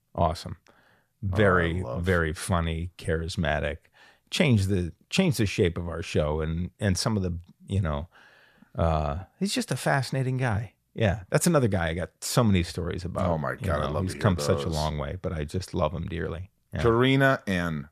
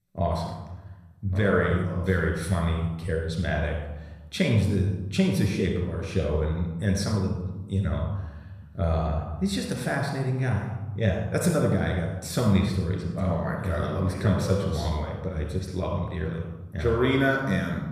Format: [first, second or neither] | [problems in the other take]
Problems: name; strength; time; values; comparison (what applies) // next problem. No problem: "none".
first | off-mic speech; somewhat distant // room echo; noticeable; dies away in 0.9 s